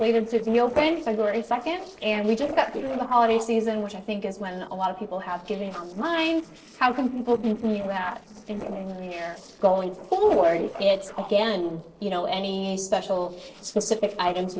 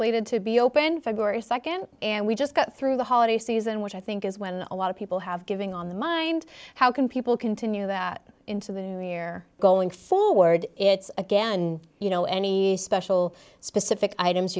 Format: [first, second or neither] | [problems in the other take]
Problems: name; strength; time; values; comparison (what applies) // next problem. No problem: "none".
second | noise reduction (neural separator model SepFormer DNS4)